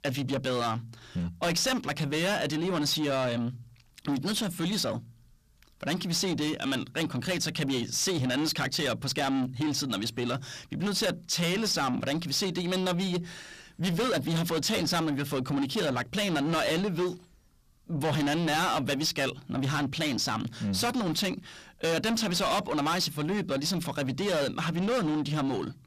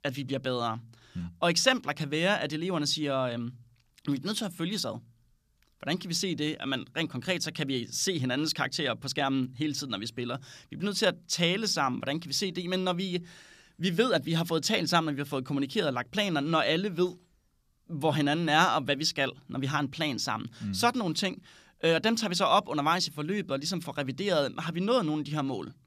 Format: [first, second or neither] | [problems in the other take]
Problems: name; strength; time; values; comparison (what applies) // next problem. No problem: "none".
second | distortion; heavy; 6 dB below the speech